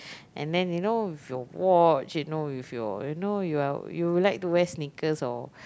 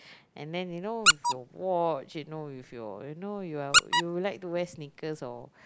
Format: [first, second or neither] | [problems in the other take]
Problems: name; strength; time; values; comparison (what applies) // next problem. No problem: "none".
first | noise reduction (neural mask model Resemble Enhance denoiser)